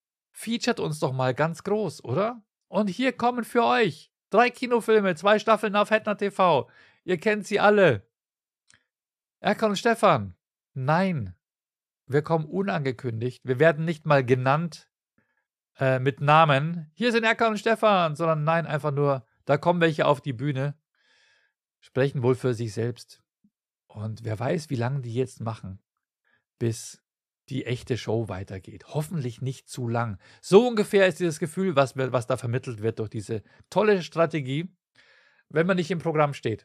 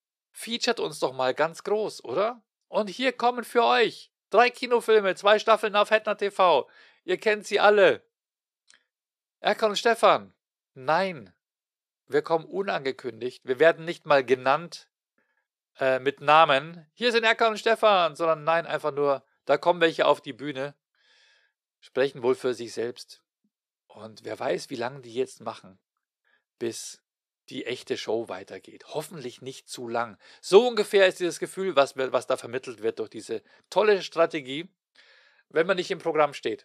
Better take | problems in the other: first | thin; somewhat; fading below 400 Hz

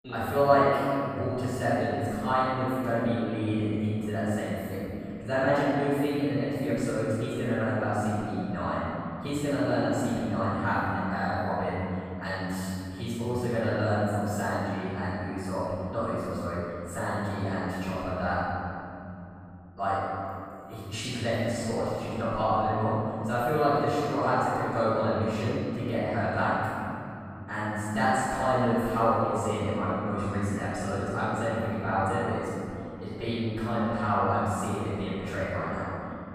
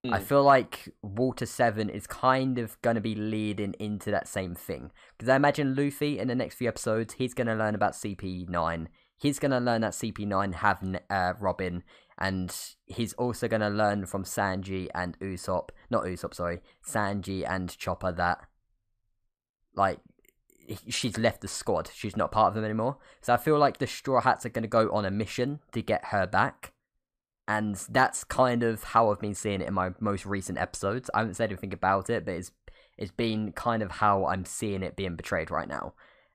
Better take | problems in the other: second | off-mic speech; far // room echo; strong; dies away in 3 s

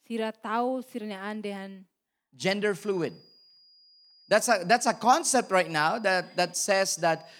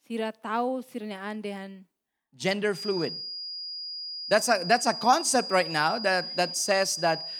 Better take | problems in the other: first | high-pitched whine; loud; from 3 s on; 5 kHz, 7 dB below the speech; faint in the first

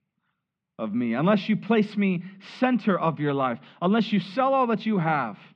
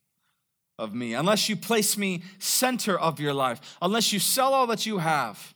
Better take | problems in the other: second | muffled; very; fading above 3 kHz

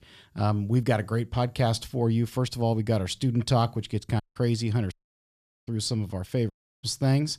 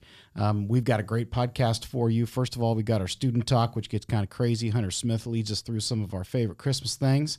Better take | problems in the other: second | audio cutting out; at 4 s, at 5 s for 1 s and at 6.5 s

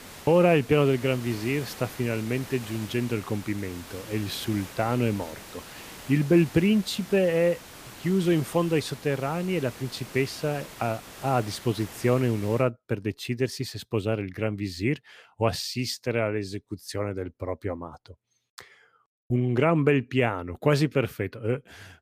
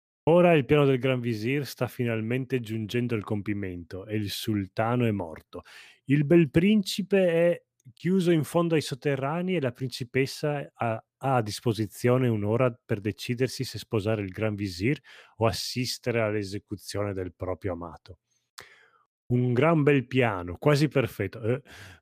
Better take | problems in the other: second | hiss; noticeable; until 13 s; 15 dB below the speech

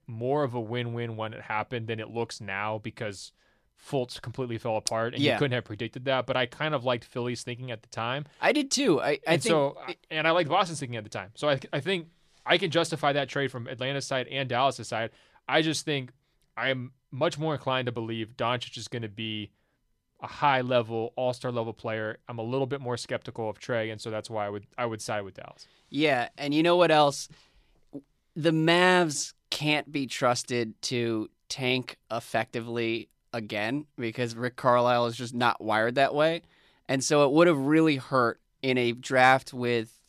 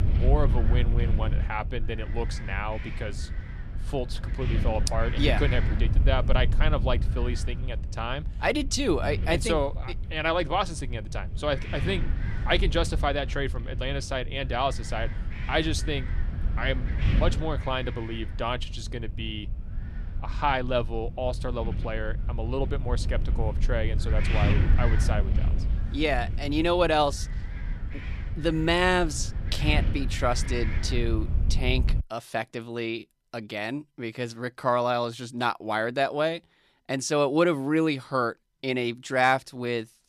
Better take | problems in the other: first | wind noise on the microphone; occasional gusts; until 32 s; 15 dB below the speech

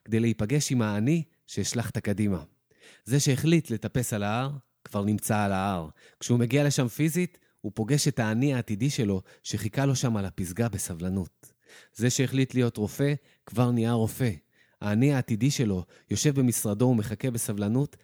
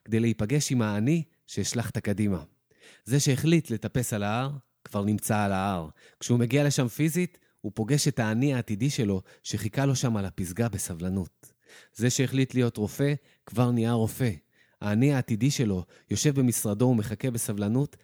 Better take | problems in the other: neither | none

